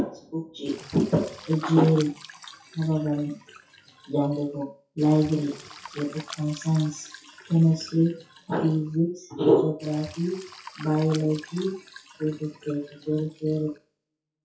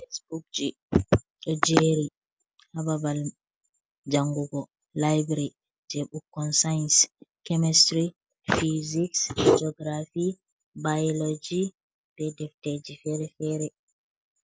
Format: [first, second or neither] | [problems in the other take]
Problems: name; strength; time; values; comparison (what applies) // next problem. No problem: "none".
second | noise reduction (classical method WPE with log-MMSE)